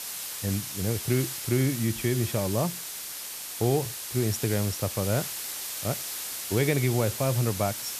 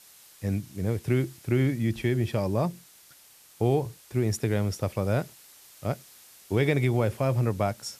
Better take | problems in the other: second | hiss; loud; throughout; 4 dB below the speech; faint in the second

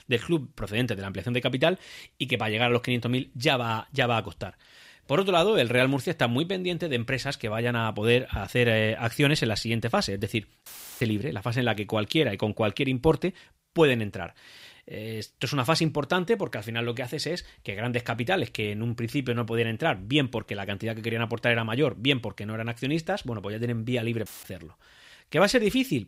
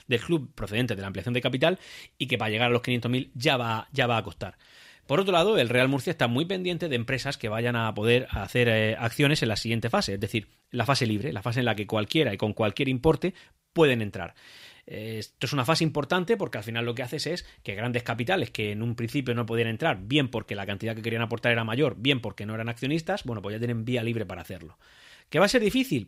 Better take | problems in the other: second | audio cutting out; filled with static; at 11 s and at 24 s

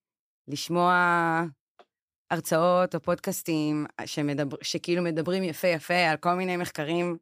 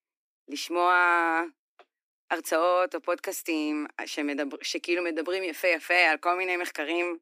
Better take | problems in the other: first | thin; somewhat; fading below 250 Hz

